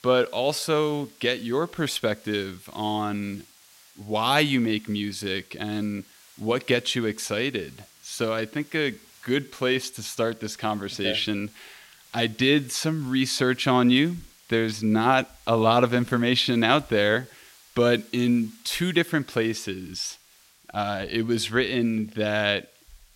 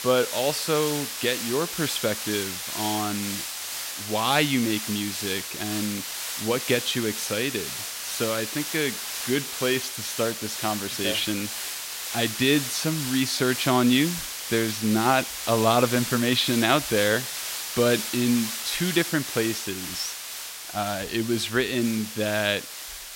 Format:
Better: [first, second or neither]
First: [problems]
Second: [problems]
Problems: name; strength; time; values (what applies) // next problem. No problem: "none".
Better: first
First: hiss; faint; throughout; 25 dB below the speech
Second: hiss; loud; throughout; 5 dB below the speech